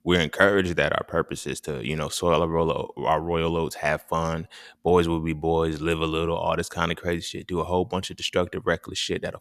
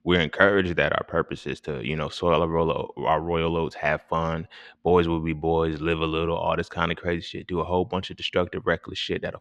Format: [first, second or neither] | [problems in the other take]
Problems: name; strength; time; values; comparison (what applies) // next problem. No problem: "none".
first | muffled; slightly; fading above 3 kHz